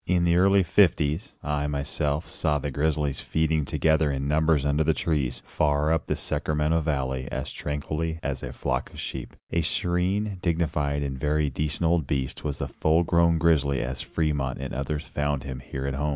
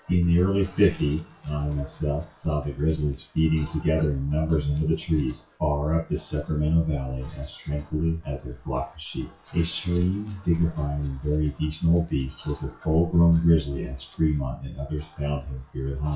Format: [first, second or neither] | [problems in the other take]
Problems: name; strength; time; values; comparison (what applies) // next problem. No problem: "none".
first | noise reduction (classical method WPE with log-MMSE)